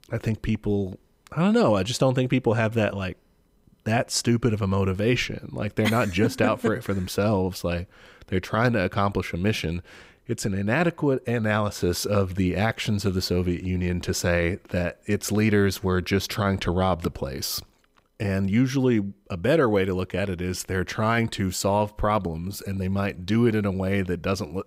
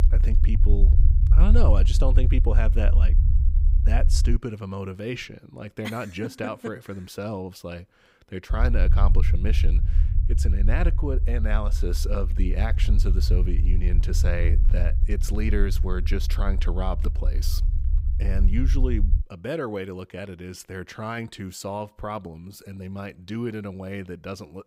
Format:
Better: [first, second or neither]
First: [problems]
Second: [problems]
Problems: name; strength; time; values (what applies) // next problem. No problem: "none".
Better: first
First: none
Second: low rumble; loud; until 4.5 s and from 8.5 to 19 s; 9 dB below the speech